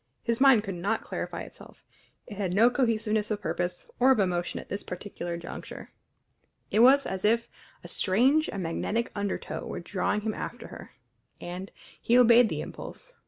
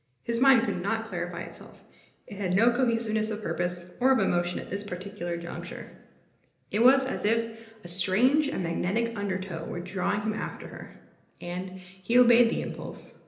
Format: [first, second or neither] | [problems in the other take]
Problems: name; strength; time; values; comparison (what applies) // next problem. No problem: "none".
first | room echo; dies away in 1 s